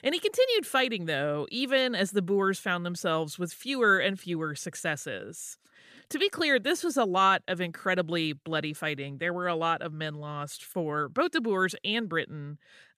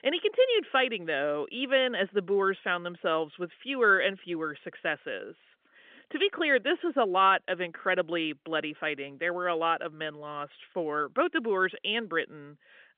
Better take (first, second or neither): first